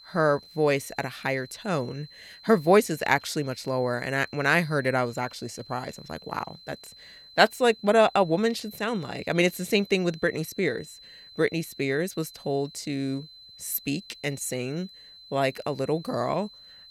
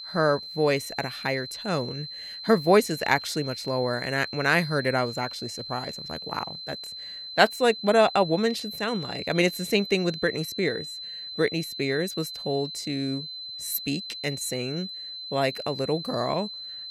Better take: first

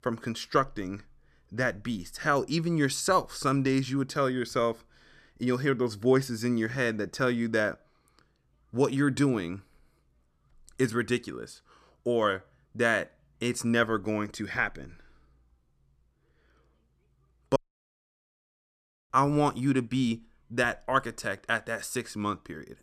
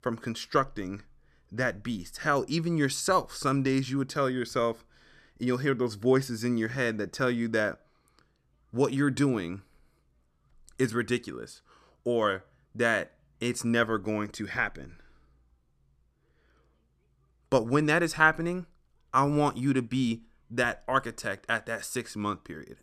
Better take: second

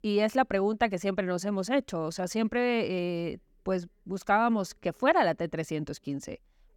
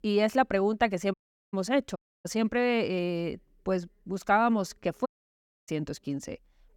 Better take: first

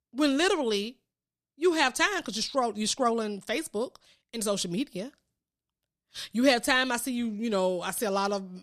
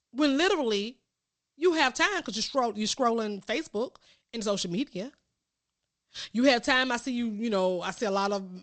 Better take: first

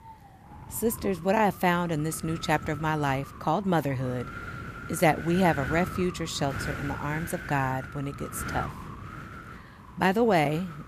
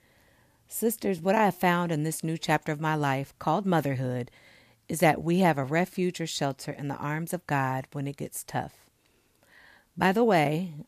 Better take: second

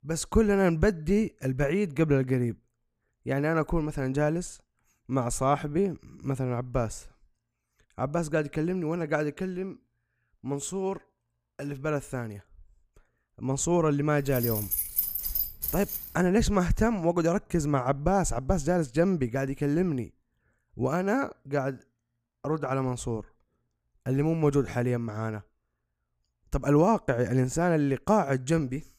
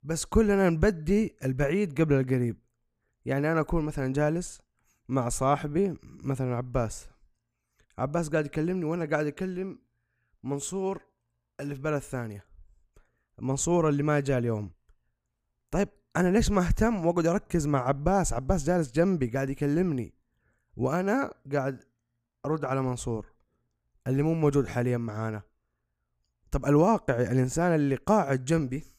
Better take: second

